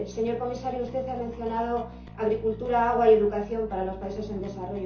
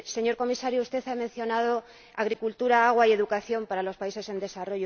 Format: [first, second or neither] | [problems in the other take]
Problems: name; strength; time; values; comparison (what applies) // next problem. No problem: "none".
second | background sound (Bass guitar); 15 dB below the speech // room echo; dies away in 0.6 s